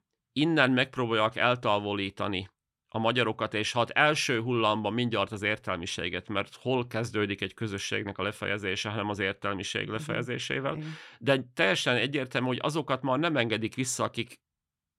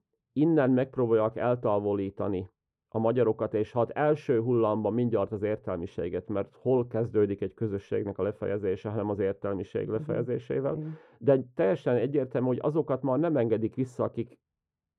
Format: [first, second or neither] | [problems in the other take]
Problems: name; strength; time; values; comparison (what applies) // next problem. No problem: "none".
first | muffled; very; fading above 1.5 kHz